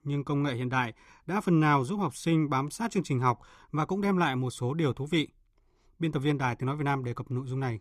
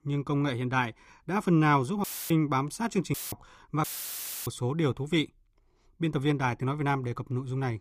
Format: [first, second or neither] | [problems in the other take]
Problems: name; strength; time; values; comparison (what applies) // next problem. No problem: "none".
first | audio cutting out; filled with static; at 2 s, at 3 s and at 4 s for 0.5 s